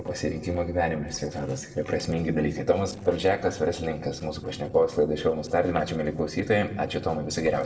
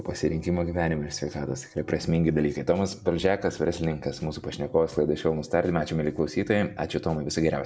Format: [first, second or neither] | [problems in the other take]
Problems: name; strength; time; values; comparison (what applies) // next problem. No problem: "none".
second | noise reduction (neural separator model SepFormer DNS4)